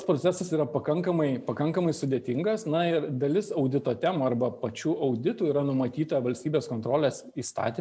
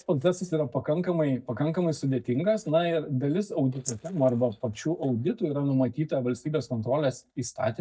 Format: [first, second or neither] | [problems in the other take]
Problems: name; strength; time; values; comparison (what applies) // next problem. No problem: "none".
first | noise reduction (neural mask model DeepFilterNet 3)